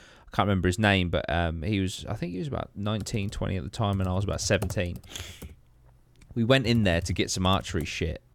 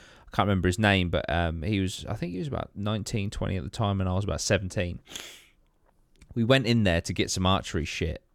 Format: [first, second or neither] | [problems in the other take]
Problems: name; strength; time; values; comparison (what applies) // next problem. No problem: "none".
second | keyboard typing; noticeable; from 3 s on; peak 9 dB below the speech